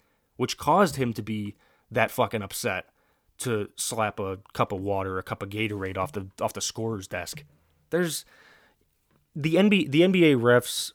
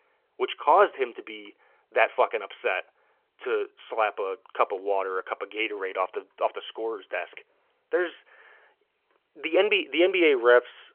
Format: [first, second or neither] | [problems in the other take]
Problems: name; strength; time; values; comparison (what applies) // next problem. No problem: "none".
first | phone-call audio; nothing above 3 kHz